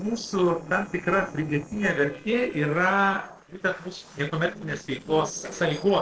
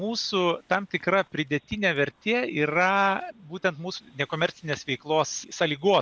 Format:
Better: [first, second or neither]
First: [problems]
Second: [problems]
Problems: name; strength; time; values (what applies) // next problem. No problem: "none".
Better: second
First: noise reduction (neural separator model SepFormer DNS4)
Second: none